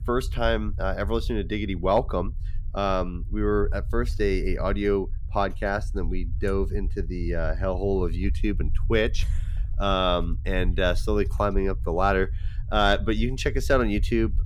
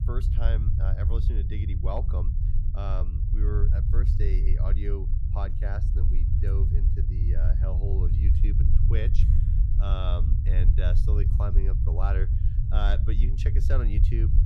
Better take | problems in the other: first | low rumble; loud; throughout; 3 dB below the speech; faint in the first

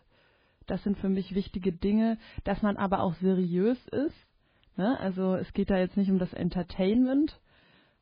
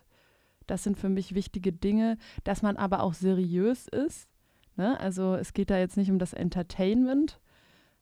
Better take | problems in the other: second | garbled, watery; badly; nothing above 4 kHz

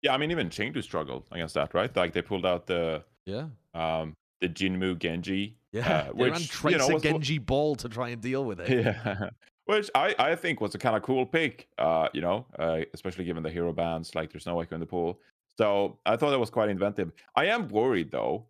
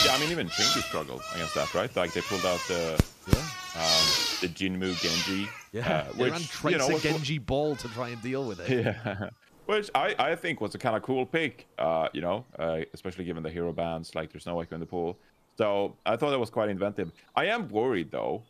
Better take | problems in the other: first | animal sounds; very loud; throughout; 2 dB above the speech

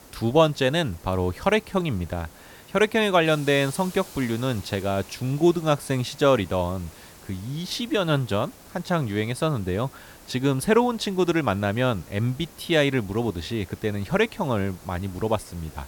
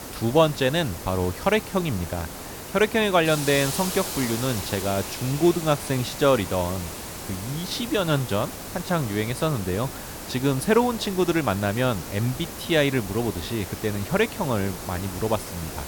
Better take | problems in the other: first | hiss; loud; throughout; 9 dB below the speech; faint in the first

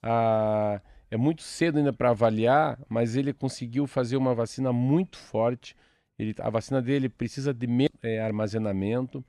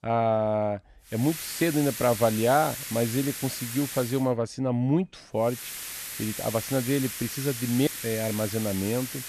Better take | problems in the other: first | hiss; loud; from 1 to 4 s and from 5.5 s on; 7 dB below the speech

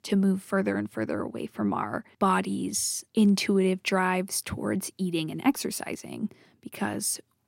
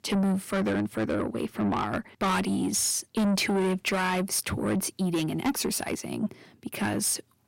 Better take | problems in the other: first | distortion; heavy; 6 dB below the speech

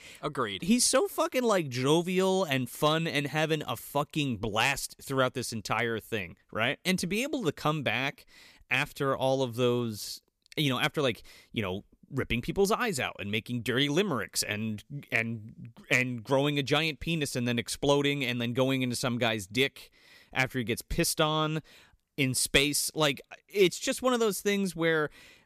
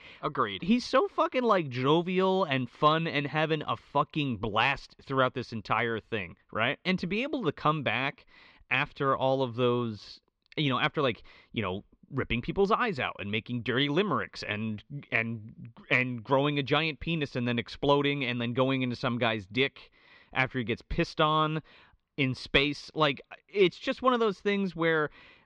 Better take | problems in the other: first | muffled; slightly; fading above 4 kHz

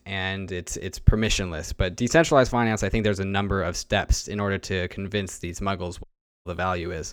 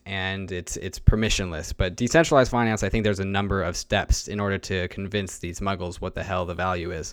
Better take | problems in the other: second | audio cutting out; at 6 s

